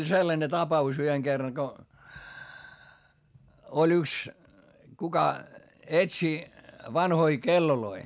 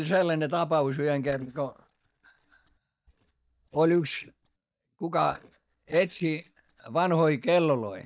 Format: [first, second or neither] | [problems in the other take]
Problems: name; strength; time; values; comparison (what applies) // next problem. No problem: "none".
first | noise reduction (neural mask model DeepFilterNet 3)